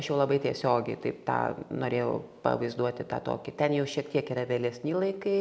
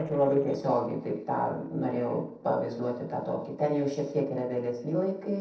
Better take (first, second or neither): first